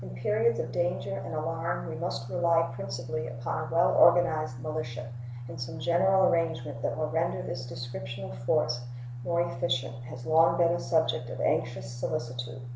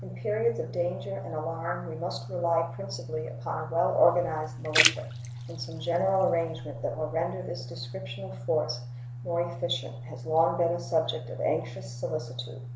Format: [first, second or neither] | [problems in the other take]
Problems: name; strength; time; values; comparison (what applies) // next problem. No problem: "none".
first | background sound (Splash, splatter); 3 dB below the speech